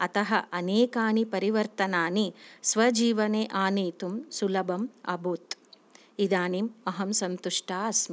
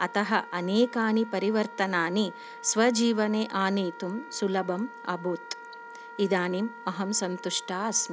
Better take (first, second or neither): first